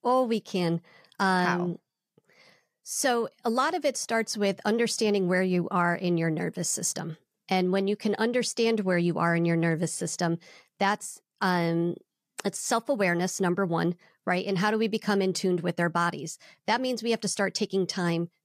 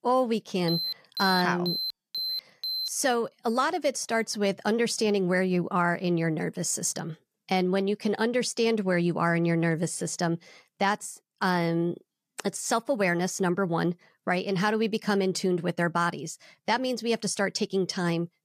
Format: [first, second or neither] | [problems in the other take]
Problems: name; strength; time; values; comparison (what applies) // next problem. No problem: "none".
first | alarm; noticeable; from 0.5 to 3 s; peak 2 dB below the speech